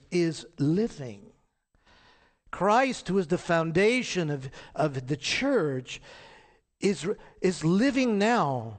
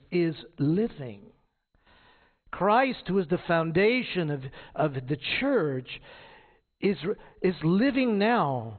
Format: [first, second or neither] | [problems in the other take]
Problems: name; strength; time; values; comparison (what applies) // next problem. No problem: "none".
first | garbled, watery; badly; nothing above 4 kHz; slightly in the first